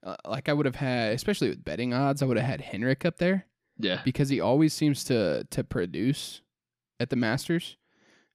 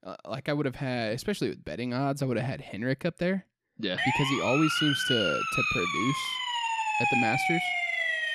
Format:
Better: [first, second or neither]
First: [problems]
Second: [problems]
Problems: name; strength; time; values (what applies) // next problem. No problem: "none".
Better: first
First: none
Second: siren; loud; from 4 s on; peak 6 dB above the speech